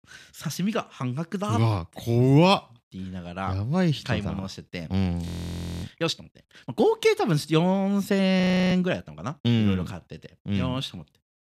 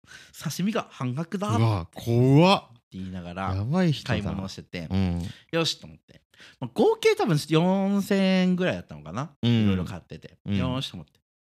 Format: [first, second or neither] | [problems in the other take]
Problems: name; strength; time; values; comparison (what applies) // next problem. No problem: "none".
second | audio freezing; at 5.5 s for 0.5 s and at 8.5 s